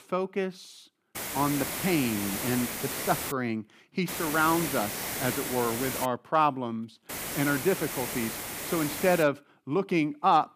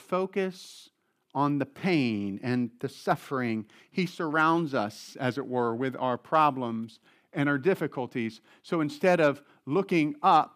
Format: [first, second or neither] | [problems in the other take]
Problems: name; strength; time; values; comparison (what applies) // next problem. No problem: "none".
second | hiss; loud; from 1 to 3.5 s, from 4 to 6 s and from 7 to 9 s; 4 dB below the speech